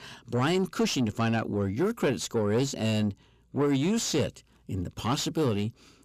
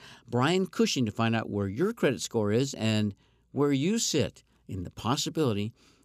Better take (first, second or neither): second